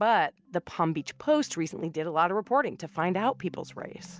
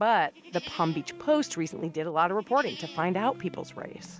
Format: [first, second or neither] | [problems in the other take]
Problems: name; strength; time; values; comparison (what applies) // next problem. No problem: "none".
first | background sound (Livestock, farm animals, working animals); 17 dB below the speech